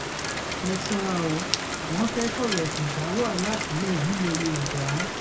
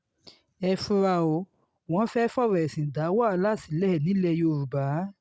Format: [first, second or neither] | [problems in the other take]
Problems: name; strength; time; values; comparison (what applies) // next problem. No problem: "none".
second | background sound (Rain); 2 dB below the speech // room echo; dies away in 0.2 s